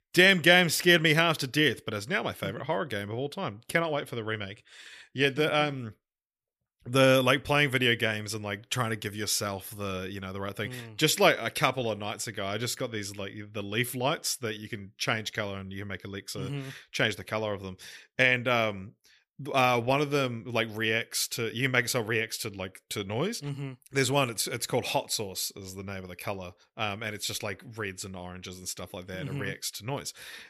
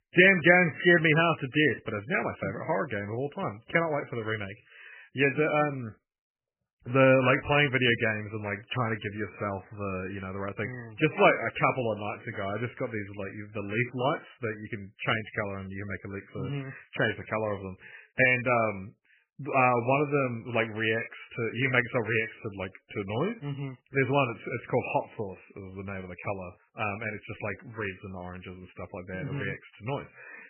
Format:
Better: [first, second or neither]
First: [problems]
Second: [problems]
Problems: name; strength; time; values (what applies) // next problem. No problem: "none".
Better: first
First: none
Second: garbled, watery; badly; nothing above 3 kHz